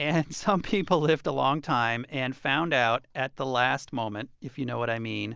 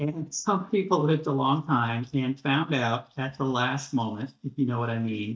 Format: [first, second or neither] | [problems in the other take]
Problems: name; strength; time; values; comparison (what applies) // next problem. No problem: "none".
first | noise reduction (neural mask model DeepFilterNet 3)